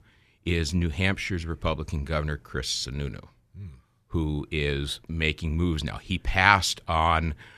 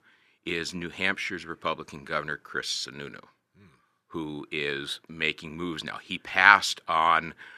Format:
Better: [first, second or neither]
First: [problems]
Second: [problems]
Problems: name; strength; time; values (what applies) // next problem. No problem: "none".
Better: first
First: none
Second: thin; somewhat; fading below 300 Hz